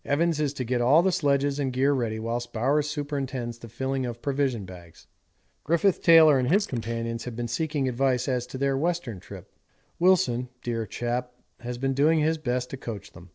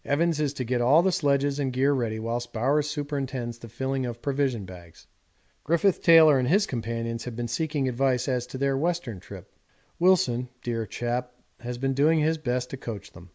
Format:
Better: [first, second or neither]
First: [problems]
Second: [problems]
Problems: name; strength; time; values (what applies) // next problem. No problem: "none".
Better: second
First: noise reduction (neural separator model SepFormer DNS4)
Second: none